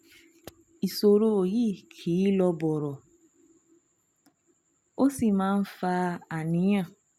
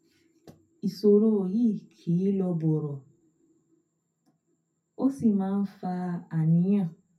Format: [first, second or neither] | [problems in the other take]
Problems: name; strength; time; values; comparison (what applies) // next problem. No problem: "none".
first | room echo; dies away in 0.3 s